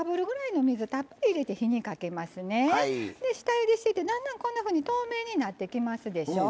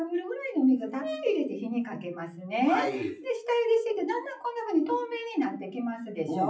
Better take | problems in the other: first | noise reduction (classical method WPE with log-MMSE)

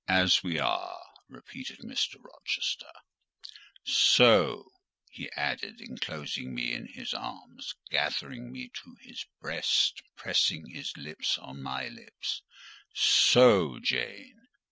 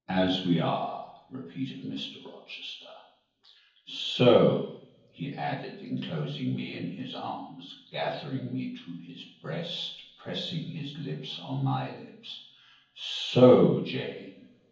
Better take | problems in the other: first | room echo; dies away in 0.7 s

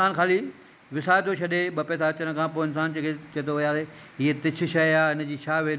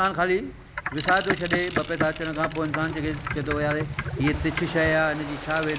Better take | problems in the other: first | background sound (Boat, Water vehicle); 5 dB below the speech

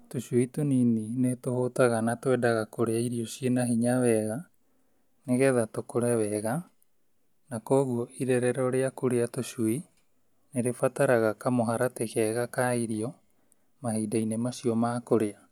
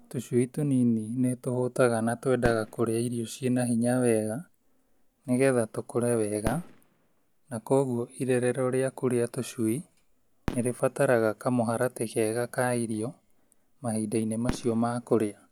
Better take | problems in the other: first | background sound (Fireworks); 17 dB below the speech

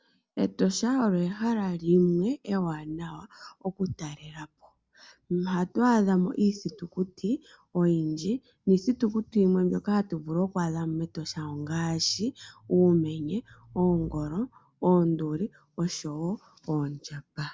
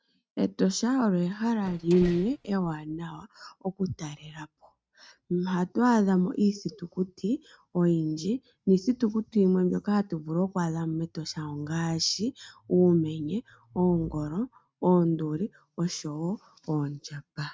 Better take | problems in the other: first | noise reduction (neural mask model RNNoise)

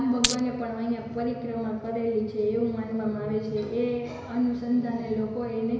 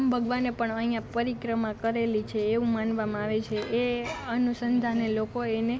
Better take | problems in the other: second | background sound (Glass); as loud as the speech // room echo; dies away in 1 s

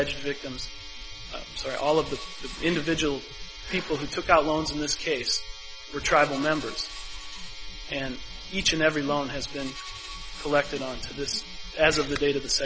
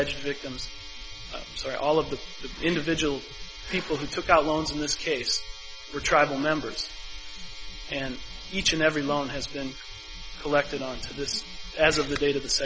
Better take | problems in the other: second | background sound (Screech); 17 dB below the speech

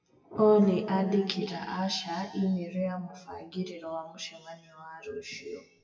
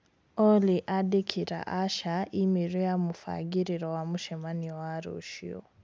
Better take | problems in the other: second | noise reduction (classical method WPE with log-MMSE)

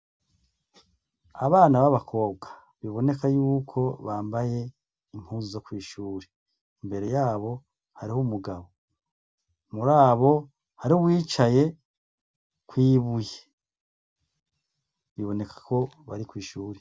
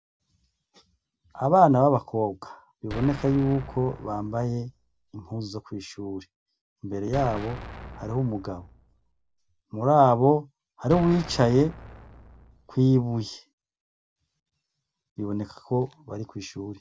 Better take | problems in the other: first | background sound (Explosion); 14 dB below the speech

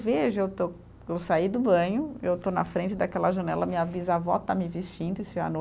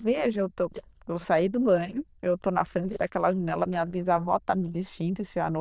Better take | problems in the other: first | noise reduction (neural diffusion model UNIVERSE++)

